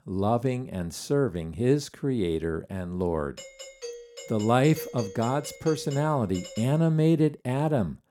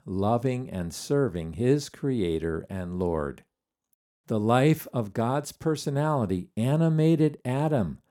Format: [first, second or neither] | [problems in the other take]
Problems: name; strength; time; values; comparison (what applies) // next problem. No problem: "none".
second | doorbell; faint; from 3.5 to 6.5 s; peak 10 dB below the speech